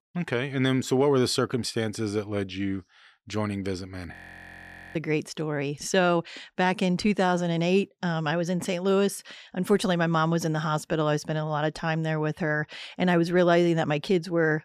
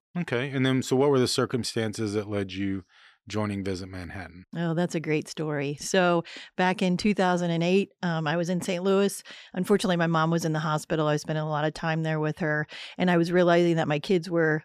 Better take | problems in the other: second | audio freezing; at 4 s for 1 s

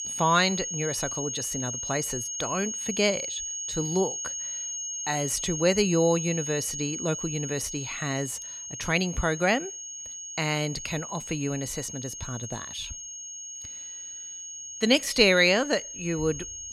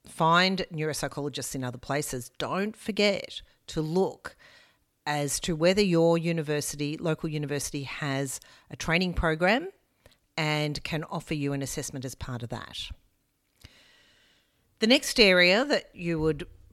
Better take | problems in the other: second | high-pitched whine; loud; throughout; 6.5 kHz, 6 dB below the speech

